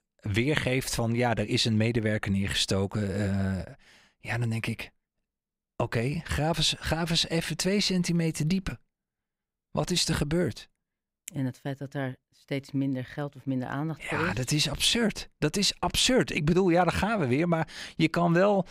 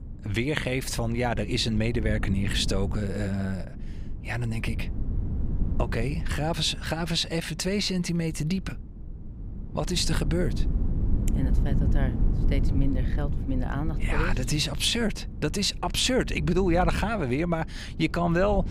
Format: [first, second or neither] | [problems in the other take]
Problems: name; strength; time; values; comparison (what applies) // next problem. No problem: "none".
first | wind noise on the microphone; occasional gusts; 15 dB below the speech